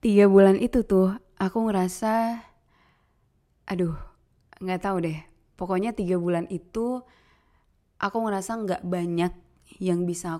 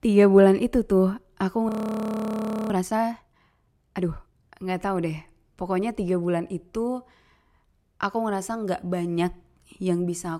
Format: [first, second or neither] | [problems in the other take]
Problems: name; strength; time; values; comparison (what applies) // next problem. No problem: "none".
first | audio freezing; at 1.5 s for 1 s